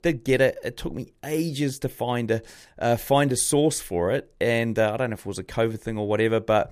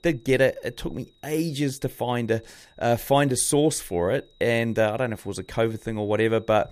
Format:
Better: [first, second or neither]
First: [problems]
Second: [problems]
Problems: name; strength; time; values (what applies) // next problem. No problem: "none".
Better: first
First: none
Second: high-pitched whine; faint; throughout; 4 kHz, 35 dB below the speech